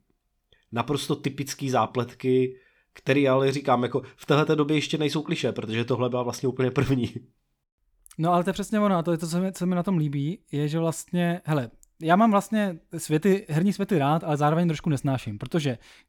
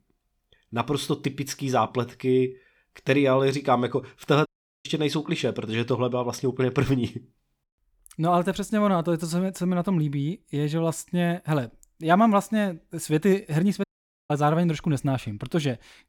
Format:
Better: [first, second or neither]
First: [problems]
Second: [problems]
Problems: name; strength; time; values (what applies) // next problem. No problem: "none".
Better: first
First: none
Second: audio cutting out; at 4.5 s and at 14 s